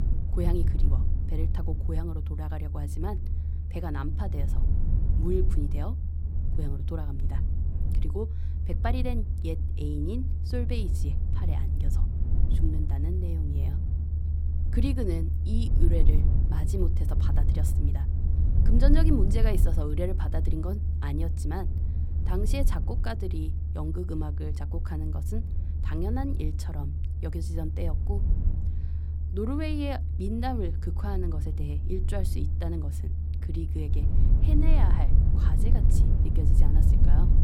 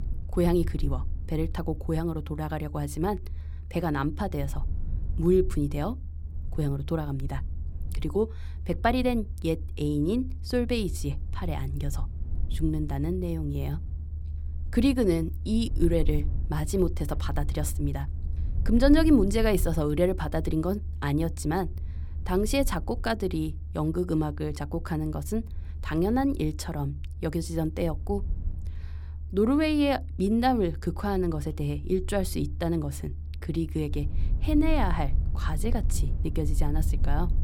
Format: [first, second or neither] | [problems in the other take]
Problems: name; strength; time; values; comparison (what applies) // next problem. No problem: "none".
second | low rumble; loud; throughout; 6 dB below the speech; faint in the second